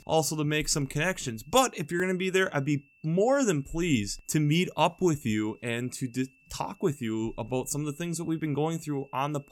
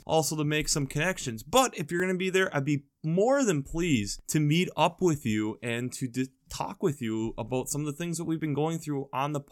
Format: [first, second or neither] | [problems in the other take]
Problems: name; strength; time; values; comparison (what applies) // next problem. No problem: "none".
second | high-pitched whine; faint; throughout; 2.5 kHz, 30 dB below the speech